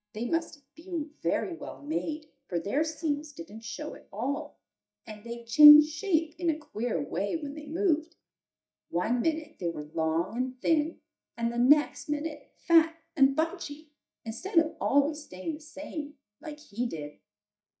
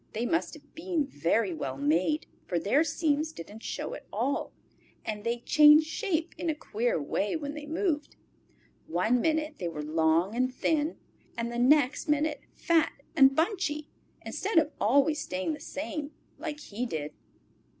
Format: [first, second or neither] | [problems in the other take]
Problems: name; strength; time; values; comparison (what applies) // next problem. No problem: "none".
second | noise reduction (neural mask model DeepFilterNet 3)